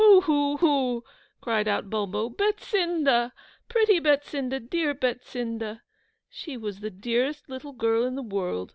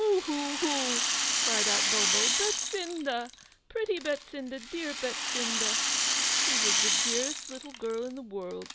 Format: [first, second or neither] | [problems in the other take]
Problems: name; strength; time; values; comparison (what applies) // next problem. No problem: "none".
first | background sound (Rattle); 4 dB above the speech